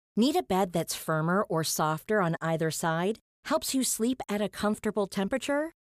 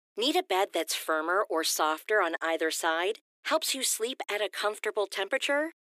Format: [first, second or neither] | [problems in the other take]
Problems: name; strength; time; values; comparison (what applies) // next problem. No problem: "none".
first | thin; very; fading below 300 Hz